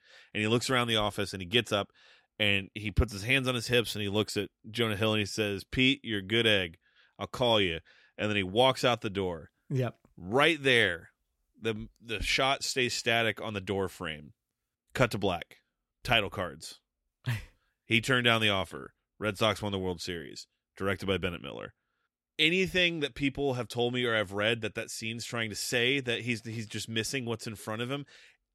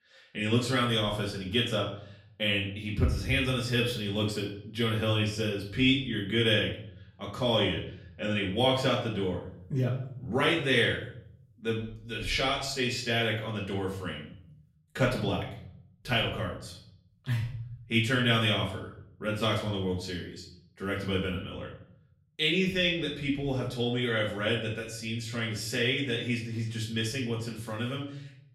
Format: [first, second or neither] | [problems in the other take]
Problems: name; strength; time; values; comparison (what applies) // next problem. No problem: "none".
first | off-mic speech; far // room echo; slight; dies away in 0.7 s